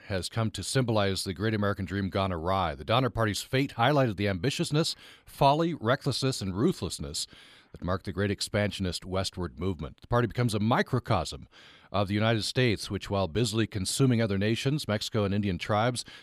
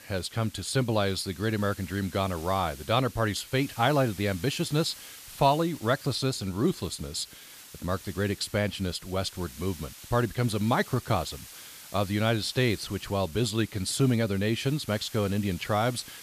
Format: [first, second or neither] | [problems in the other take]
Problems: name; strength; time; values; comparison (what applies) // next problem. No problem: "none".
first | hiss; noticeable; throughout; 15 dB below the speech